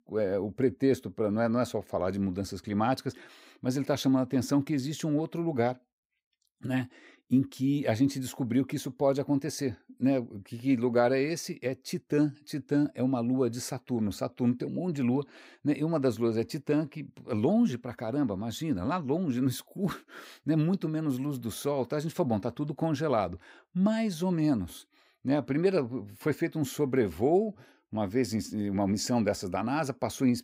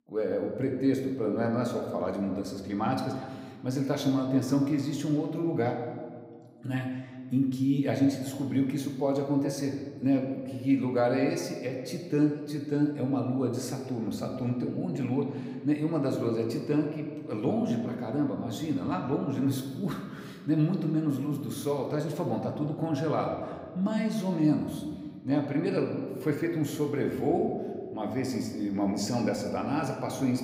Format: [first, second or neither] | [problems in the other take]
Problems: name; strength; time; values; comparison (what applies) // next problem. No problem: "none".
first | room echo; slight; dies away in 1.4 s // off-mic speech; somewhat distant